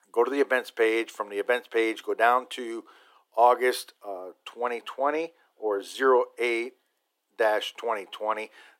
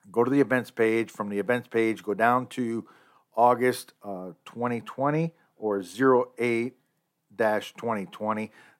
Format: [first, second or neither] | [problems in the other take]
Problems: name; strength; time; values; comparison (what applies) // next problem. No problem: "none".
second | thin; somewhat; fading below 350 Hz